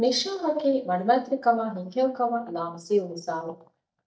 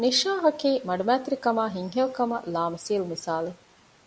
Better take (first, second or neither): second